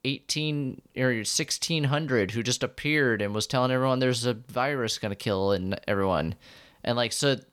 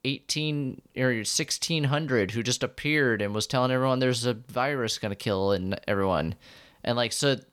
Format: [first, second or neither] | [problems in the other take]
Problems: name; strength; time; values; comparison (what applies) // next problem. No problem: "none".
neither | none